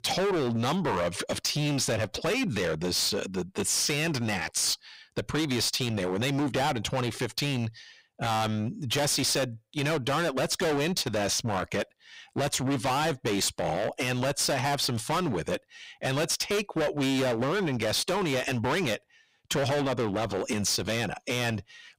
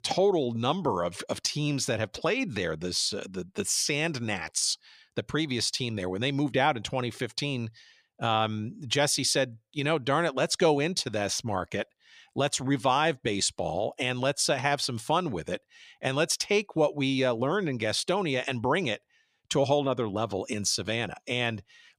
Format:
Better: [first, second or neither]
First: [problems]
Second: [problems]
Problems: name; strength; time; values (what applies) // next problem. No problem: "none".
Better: second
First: distortion; heavy; 25% of the sound clipped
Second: none